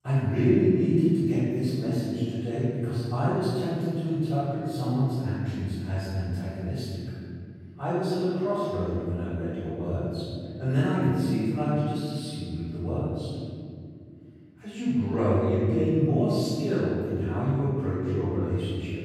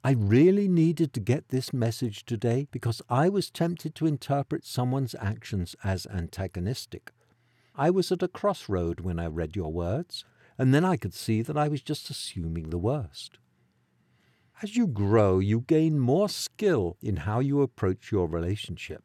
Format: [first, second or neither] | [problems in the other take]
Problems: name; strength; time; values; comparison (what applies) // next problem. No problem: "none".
second | off-mic speech; far // room echo; strong; dies away in 2.6 s